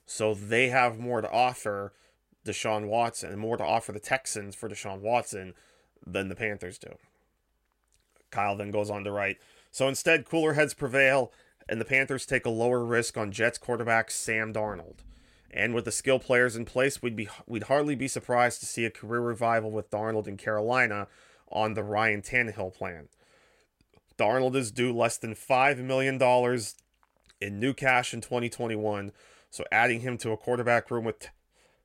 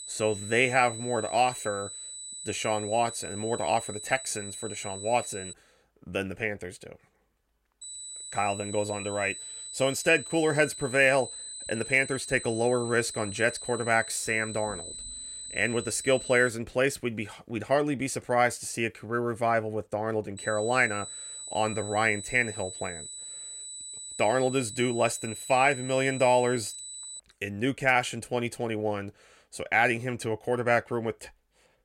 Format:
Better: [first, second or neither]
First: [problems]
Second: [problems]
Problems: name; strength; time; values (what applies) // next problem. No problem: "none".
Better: first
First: none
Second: high-pitched whine; noticeable; until 5.5 s, from 8 to 16 s and from 20 to 27 s; 8 kHz, 10 dB below the speech